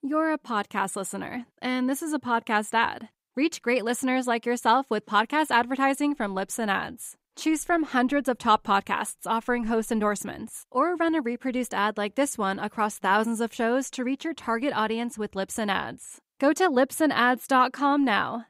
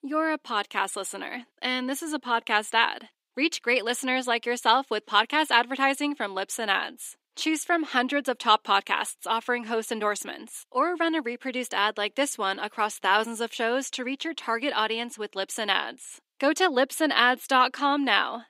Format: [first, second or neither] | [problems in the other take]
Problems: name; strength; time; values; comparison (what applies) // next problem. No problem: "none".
first | thin; very slightly; fading below 250 Hz